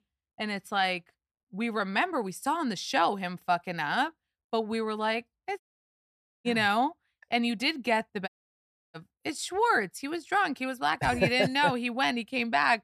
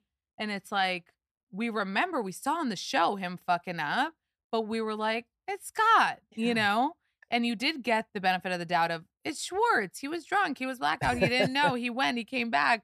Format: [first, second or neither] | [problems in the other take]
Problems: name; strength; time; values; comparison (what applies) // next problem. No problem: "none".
second | audio cutting out; at 5.5 s for 1 s and at 8.5 s for 0.5 s